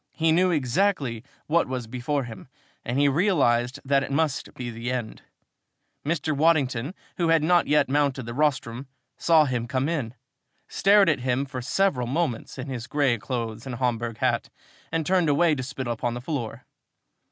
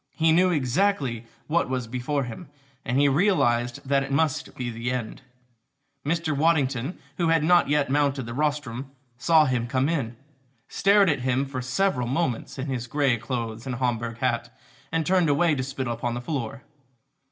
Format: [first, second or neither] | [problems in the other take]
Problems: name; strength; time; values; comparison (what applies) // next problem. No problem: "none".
first | room echo; dies away in 0.5 s